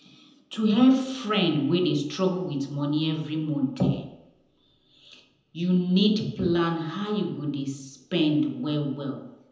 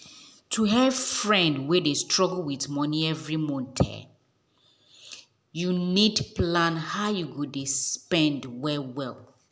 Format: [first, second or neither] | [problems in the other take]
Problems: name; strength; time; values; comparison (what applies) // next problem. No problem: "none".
second | room echo; dies away in 0.8 s